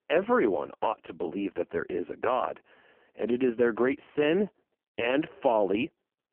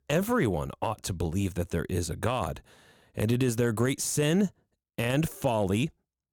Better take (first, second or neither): second